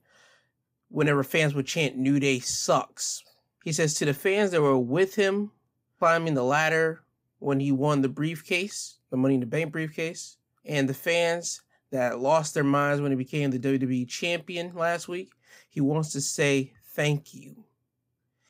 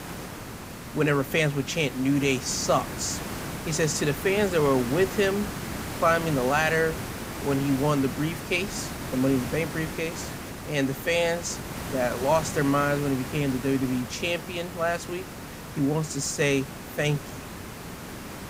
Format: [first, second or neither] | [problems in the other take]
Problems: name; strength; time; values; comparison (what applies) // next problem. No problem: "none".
first | hiss; loud; throughout; 9 dB below the speech